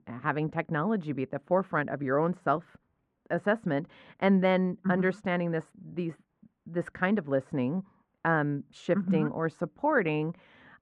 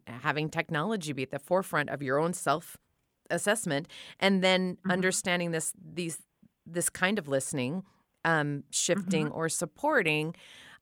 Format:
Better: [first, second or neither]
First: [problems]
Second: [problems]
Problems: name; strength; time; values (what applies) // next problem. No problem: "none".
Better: second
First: muffled; very; fading above 1.5 kHz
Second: none